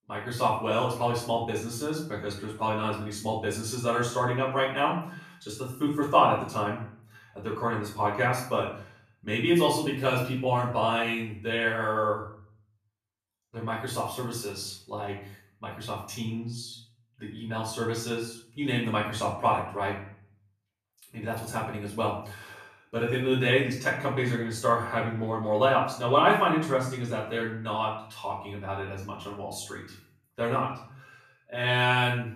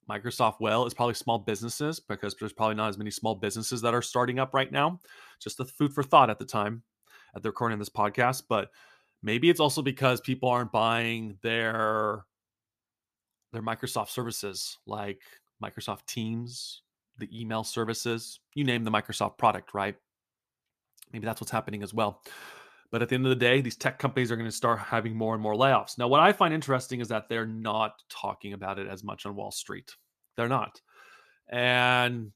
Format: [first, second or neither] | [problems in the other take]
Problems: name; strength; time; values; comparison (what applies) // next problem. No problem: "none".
second | off-mic speech; far // room echo; noticeable; dies away in 0.5 s